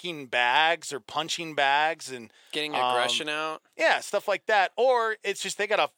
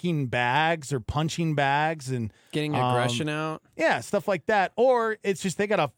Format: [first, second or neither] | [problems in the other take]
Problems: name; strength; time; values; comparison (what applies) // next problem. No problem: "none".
second | thin; very; fading below 500 Hz